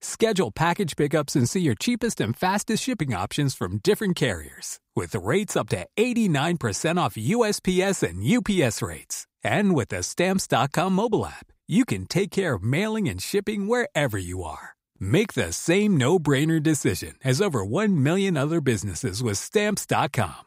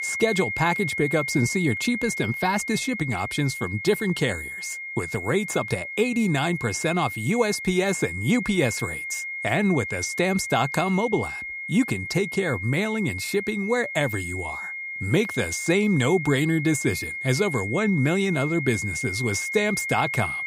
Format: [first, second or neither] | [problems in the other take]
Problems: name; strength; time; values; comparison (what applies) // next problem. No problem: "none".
first | high-pitched whine; loud; throughout; 2 kHz, 5 dB below the speech